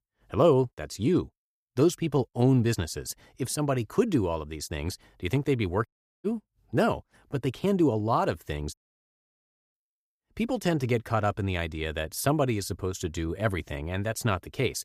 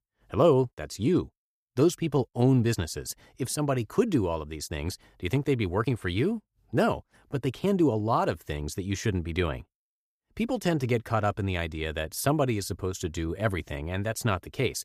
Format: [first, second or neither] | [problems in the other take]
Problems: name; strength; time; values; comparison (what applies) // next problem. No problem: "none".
second | audio cutting out; at 6 s and at 8.5 s for 1 s